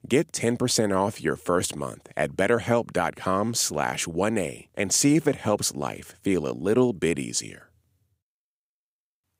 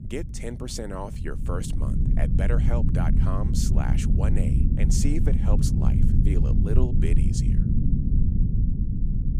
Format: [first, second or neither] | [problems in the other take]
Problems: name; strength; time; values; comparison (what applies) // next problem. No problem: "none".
first | low rumble; loud; throughout; as loud as the speech